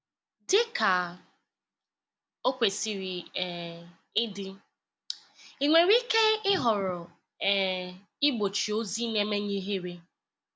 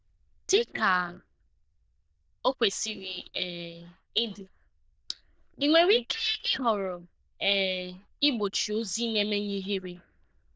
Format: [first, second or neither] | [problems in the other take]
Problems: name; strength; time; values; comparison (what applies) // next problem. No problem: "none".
first | noise reduction (neural diffusion model UNIVERSE++)